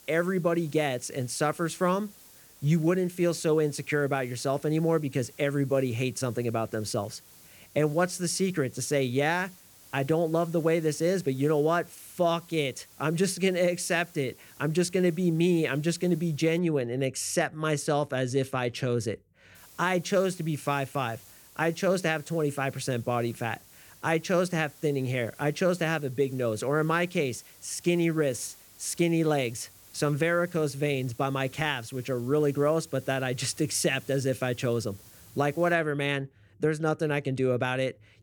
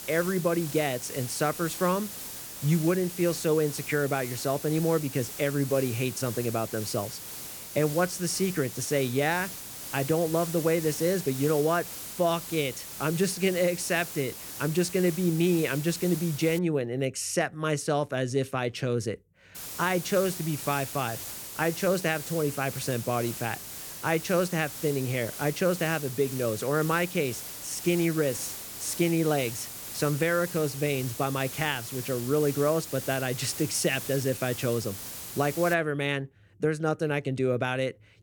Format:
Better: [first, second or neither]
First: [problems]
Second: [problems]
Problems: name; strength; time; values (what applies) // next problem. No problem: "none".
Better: first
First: hiss; faint; until 17 s and from 20 to 36 s; 25 dB below the speech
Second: hiss; loud; until 17 s and from 20 to 36 s; 9 dB below the speech